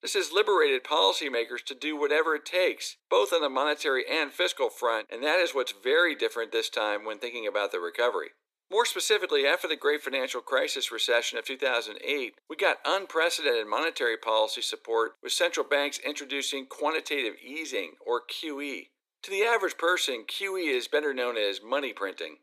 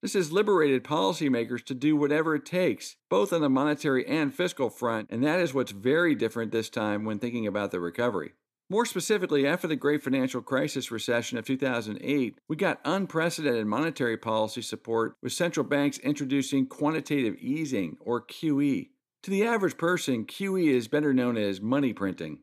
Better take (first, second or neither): second